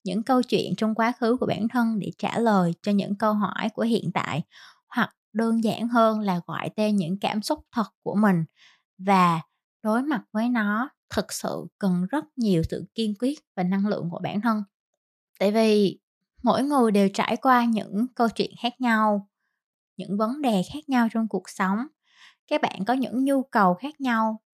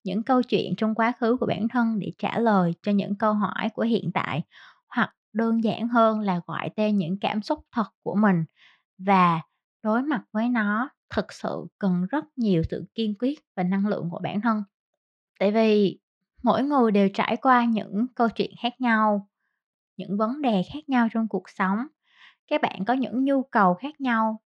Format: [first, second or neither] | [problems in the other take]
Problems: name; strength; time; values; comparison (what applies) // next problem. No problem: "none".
first | muffled; very slightly; fading above 3 kHz